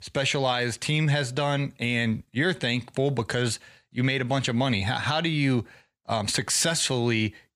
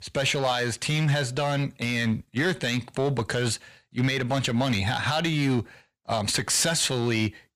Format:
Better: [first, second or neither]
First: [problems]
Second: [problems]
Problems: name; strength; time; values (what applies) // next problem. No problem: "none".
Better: first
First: none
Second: distortion; slight; 6% of the sound clipped